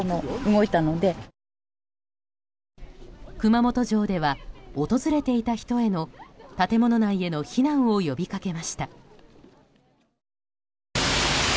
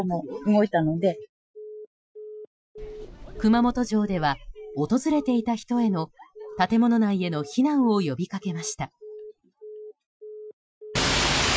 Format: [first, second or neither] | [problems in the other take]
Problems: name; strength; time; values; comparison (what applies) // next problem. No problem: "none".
first | noise reduction (classical method Wiener filter)